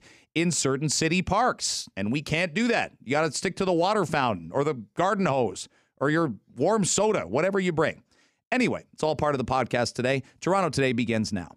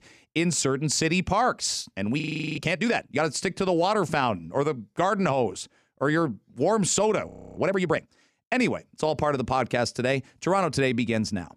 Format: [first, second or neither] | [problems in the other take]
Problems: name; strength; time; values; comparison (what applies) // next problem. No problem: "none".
first | audio freezing; at 2 s and at 7.5 s